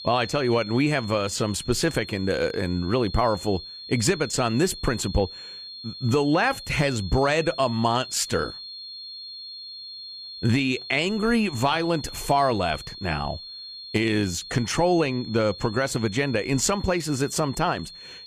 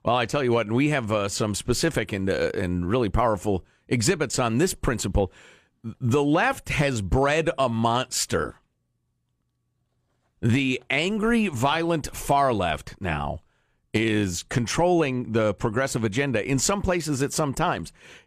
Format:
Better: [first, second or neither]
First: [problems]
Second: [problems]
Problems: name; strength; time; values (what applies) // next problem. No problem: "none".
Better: second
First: high-pitched whine; noticeable; throughout; 4.5 kHz, 15 dB below the speech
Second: none